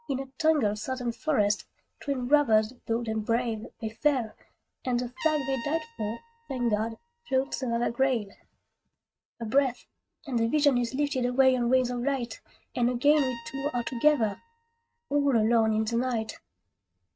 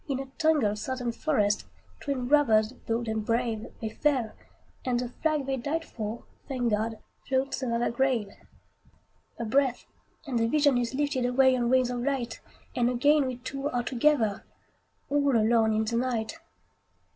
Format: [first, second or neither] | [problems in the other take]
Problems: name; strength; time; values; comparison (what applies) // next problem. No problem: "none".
second | noise reduction (neural mask model RNNoise)